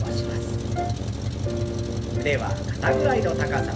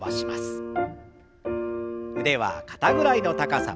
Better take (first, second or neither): second